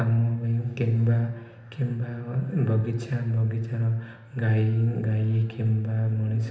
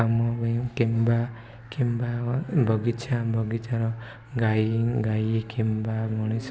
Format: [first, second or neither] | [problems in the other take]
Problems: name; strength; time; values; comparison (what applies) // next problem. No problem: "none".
second | room echo; dies away in 0.8 s